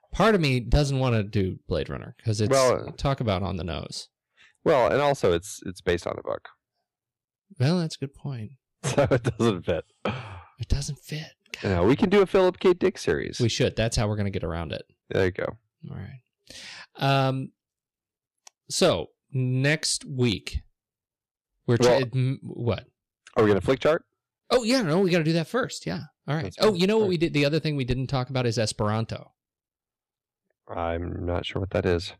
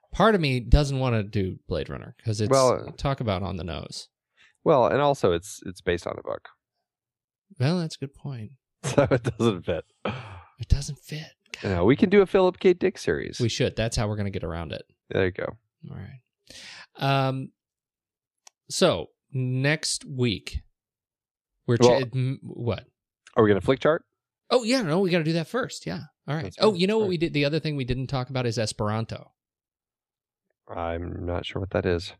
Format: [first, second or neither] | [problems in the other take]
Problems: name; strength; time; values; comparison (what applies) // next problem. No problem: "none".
second | distortion; slight; 2% of the sound clipped